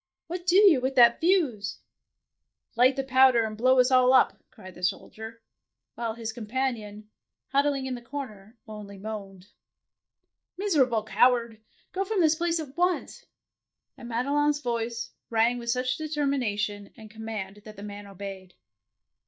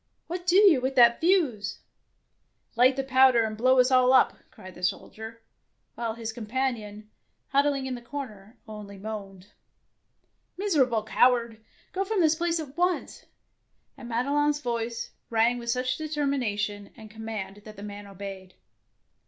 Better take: second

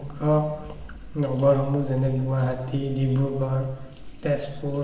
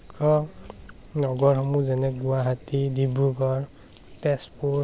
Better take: second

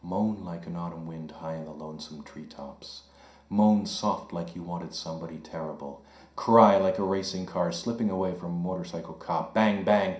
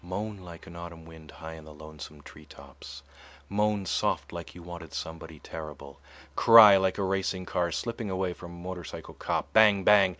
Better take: second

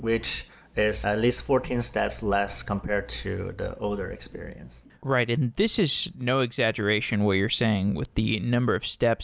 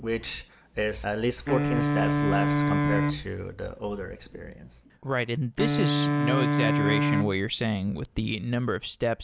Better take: first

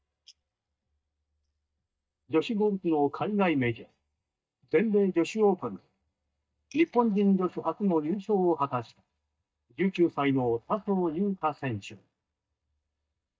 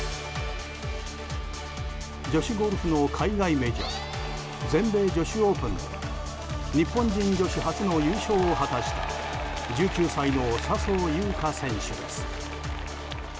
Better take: second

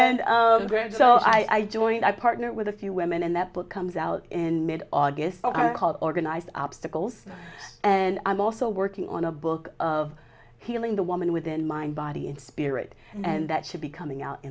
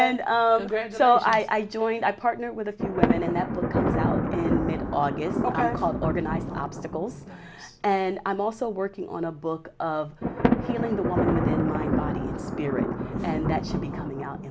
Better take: first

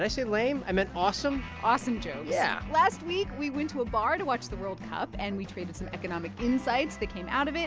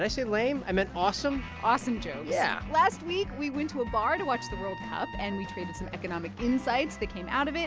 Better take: first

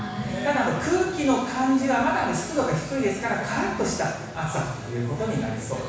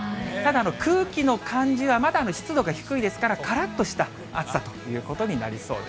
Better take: second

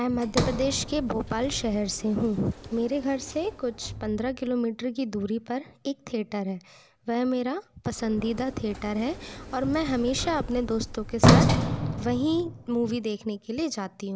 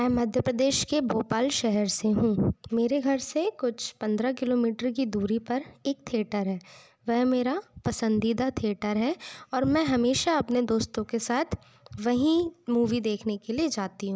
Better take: second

